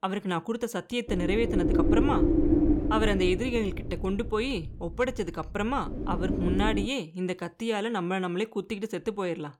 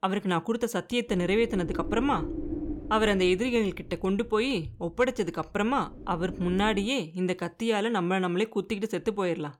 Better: second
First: wind noise on the microphone; heavy; from 1 to 7 s; as loud as the speech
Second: wind noise on the microphone; occasional gusts; from 1 to 7 s; 15 dB below the speech

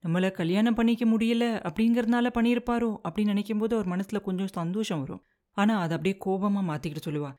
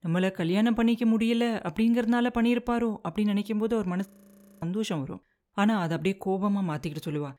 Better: first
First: none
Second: audio freezing; at 4 s for 0.5 s

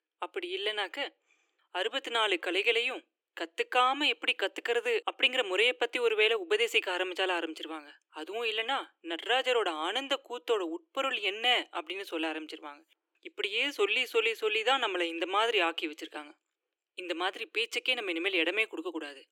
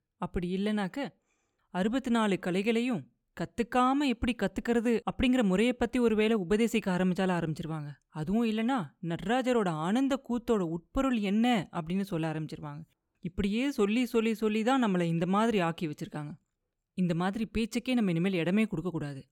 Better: second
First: thin; very; fading below 300 Hz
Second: none

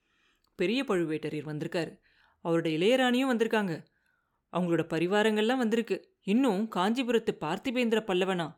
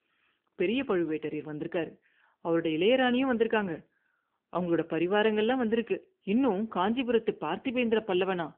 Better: first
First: none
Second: phone-call audio; nothing above 3 kHz

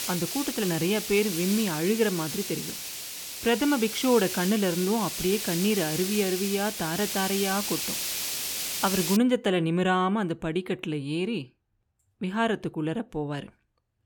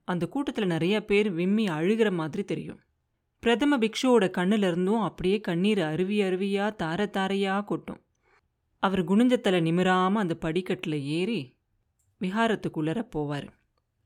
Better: second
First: hiss; loud; until 9 s; 4 dB below the speech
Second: none

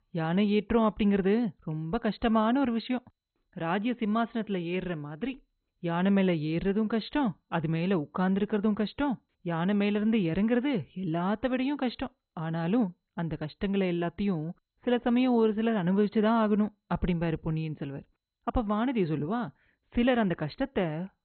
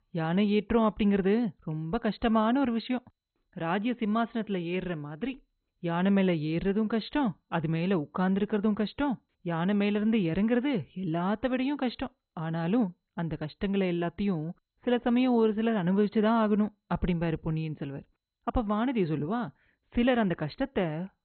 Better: neither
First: garbled, watery; badly; nothing above 4 kHz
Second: garbled, watery; badly; nothing above 4 kHz

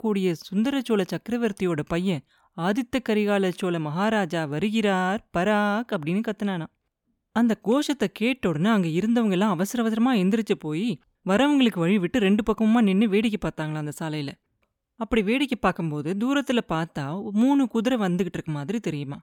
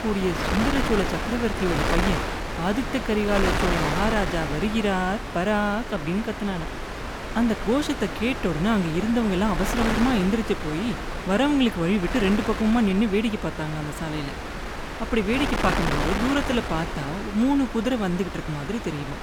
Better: first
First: none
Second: wind noise on the microphone; heavy; 2 dB below the speech

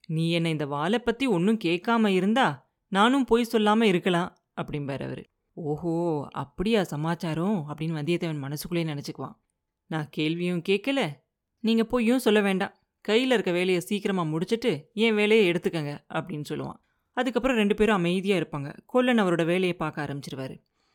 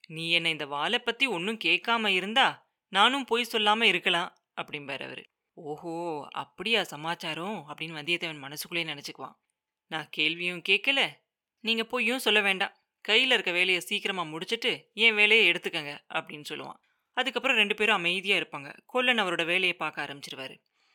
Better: first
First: none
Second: thin; somewhat; fading below 800 Hz

